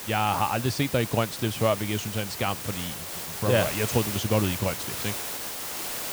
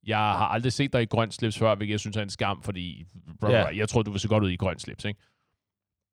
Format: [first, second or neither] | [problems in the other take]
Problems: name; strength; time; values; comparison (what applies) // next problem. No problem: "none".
second | hiss; loud; throughout; 5 dB below the speech